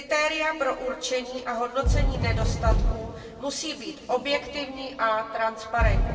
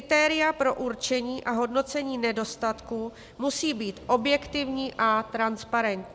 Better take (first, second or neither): second